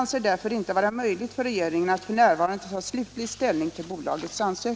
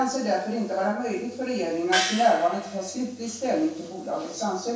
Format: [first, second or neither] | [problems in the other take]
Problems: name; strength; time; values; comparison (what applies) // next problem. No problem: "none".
first | background sound (Gong); 4 dB below the speech // room echo; dies away in 0.7 s